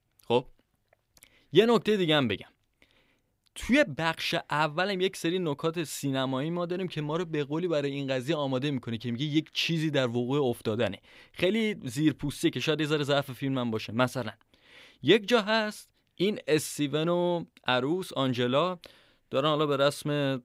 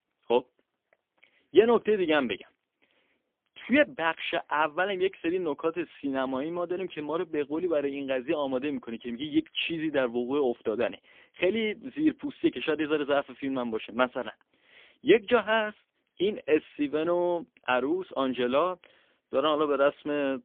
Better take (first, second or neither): first